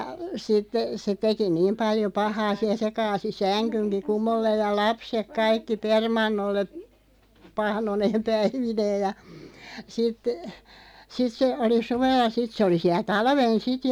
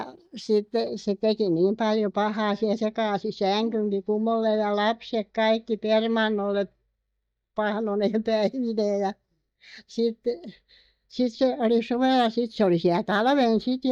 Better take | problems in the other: first | noise reduction (neural mask model DeepFilterNet 3)

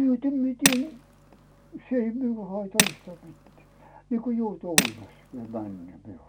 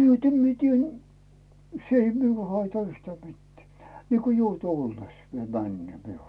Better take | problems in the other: second | background sound (Tools); 1 dB above the speech

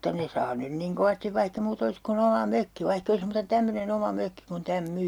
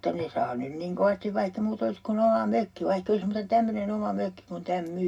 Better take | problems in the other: first | room echo; dies away in 0.2 s

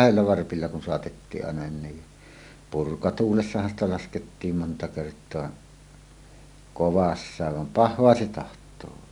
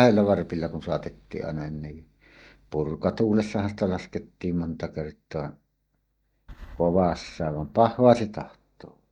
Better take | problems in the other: first | noise reduction (neural mask model DeepFilterNet 3)

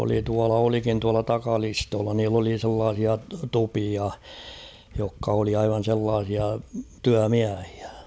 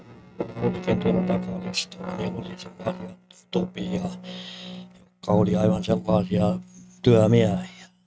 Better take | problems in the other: first | noise reduction (neural mask model RNNoise)

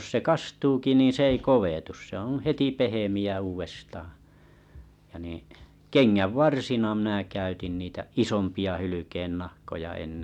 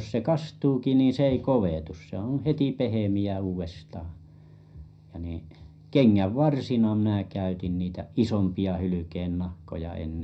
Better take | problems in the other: first | room echo; dies away in 0.4 s

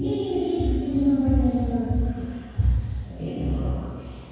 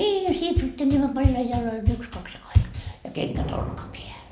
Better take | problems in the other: second | room echo; dies away in 2 s

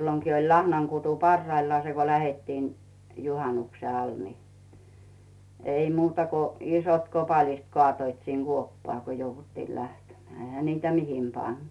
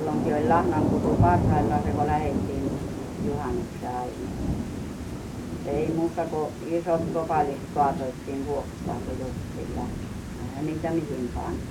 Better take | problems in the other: first | background sound (Thunder / Rain); as loud as the speech

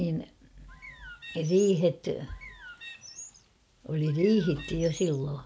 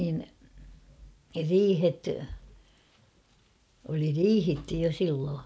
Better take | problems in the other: second | background sound (Bird); 17 dB below the speech

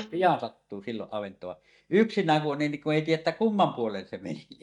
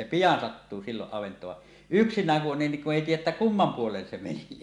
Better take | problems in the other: second | noise reduction (neural mask model DeepFilterNet 3)

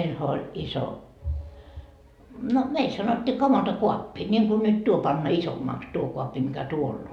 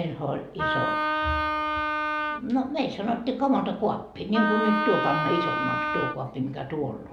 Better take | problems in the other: first | background sound (Wind instrument, woodwind instrument); as loud as the speech

